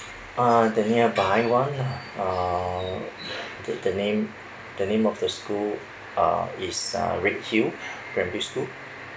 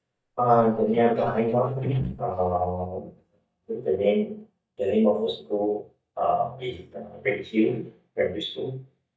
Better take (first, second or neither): first